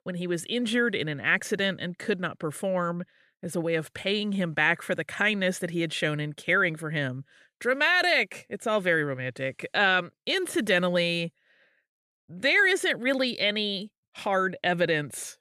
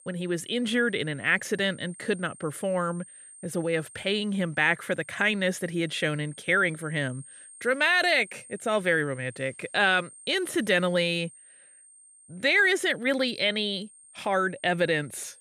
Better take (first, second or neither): first